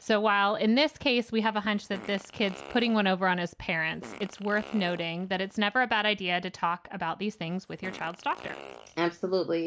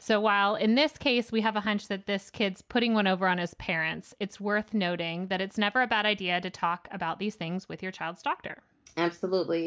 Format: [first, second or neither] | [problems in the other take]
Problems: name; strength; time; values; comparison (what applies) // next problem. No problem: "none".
second | background sound (Fart); 18 dB below the speech